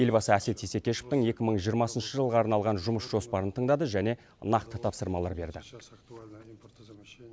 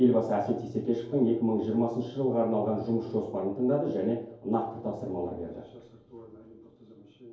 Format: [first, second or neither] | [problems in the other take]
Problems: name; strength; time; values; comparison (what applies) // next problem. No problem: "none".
first | room echo; dies away in 2.4 s